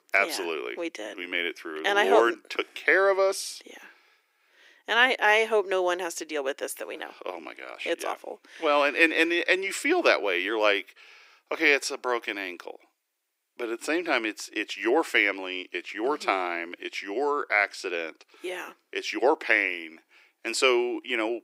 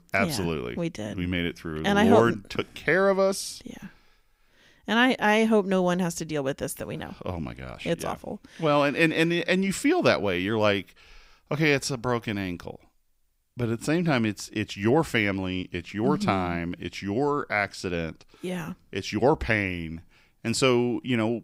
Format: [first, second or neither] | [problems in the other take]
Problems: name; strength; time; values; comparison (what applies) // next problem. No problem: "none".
second | thin; very; fading below 350 Hz